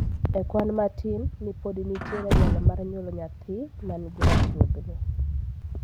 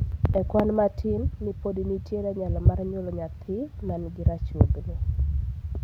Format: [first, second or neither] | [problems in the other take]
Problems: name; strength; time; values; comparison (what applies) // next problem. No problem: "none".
second | background sound (Truck); 1 dB below the speech